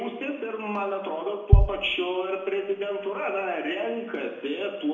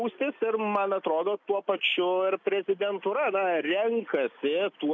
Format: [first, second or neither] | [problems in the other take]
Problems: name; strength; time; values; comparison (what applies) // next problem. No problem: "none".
second | background sound (Bass drum); 4 dB above the speech // room echo; dies away in 0.9 s